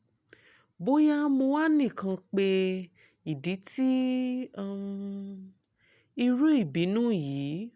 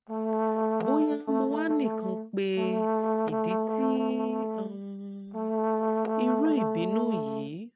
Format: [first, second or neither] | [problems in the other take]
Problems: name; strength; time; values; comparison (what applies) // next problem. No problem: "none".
first | noise reduction (neural mask model RNNoise)